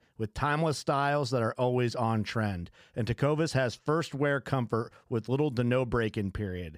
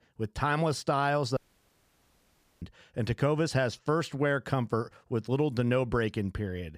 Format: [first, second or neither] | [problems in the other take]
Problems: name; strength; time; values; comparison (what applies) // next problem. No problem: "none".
first | audio cutting out; at 1.5 s for 1.5 s